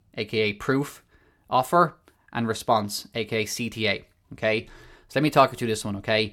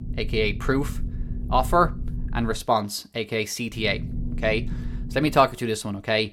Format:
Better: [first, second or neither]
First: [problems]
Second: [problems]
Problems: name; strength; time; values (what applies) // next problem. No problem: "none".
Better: first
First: none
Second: low rumble; faint; until 2.5 s and from 4 to 5.5 s; 20 dB below the speech